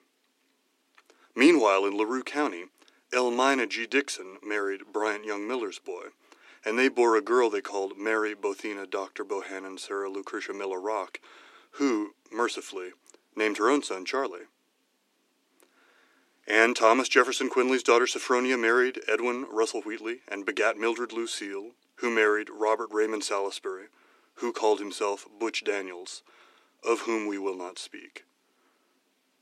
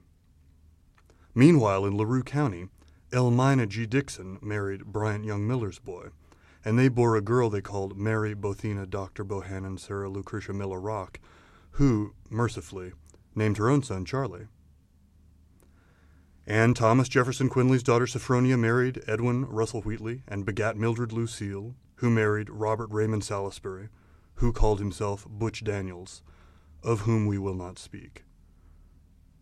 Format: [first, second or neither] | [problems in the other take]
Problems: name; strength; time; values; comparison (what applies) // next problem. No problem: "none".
second | thin; somewhat; fading below 300 Hz